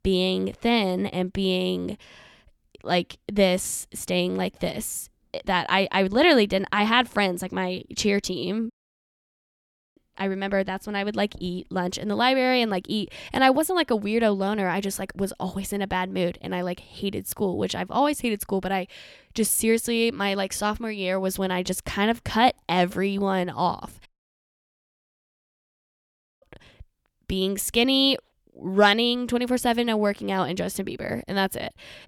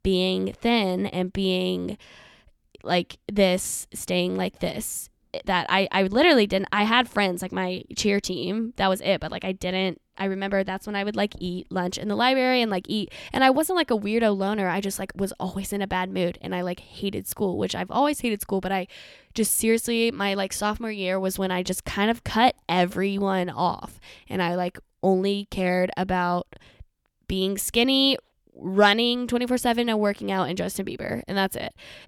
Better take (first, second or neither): second